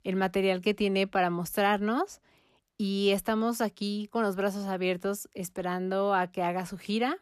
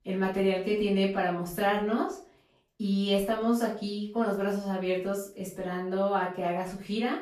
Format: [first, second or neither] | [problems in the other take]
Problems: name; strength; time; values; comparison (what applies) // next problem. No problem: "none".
first | room echo; slight; dies away in 0.4 s // off-mic speech; far